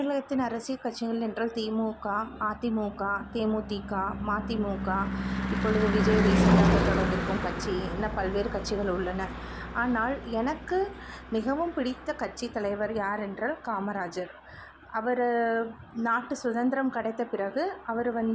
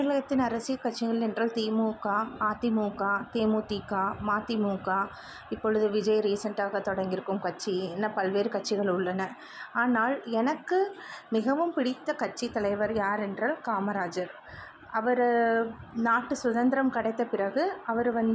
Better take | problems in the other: second | background sound (Car passing by / Engine / Truck); 2 dB below the speech

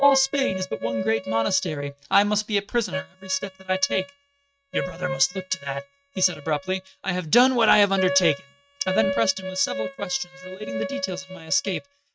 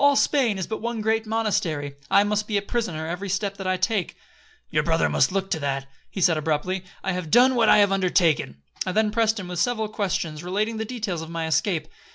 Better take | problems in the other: second | noise reduction (neural mask model RNNoise)

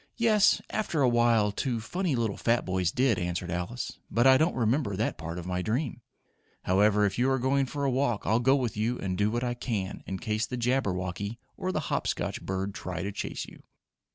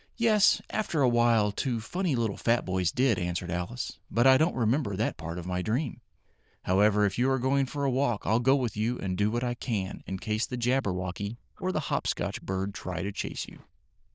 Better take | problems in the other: first | noise reduction (neural diffusion model UNIVERSE++)

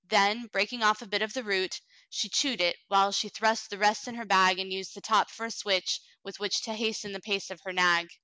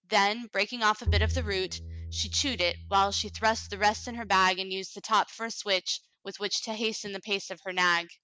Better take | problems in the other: first | noise reduction (neural mask model RNNoise)

